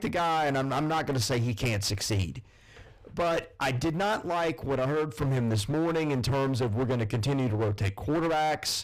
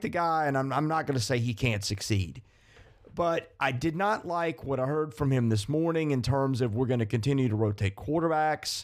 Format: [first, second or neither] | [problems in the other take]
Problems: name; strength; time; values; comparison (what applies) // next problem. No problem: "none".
second | distortion; heavy; 25% of the sound clipped